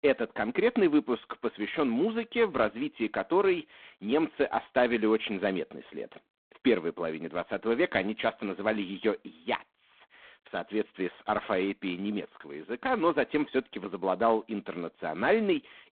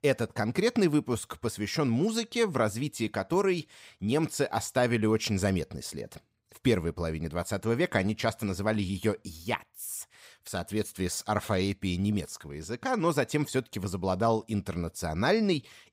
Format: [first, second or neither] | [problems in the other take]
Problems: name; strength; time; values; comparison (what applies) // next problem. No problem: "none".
second | phone-call audio; poor line; nothing above 3.5 kHz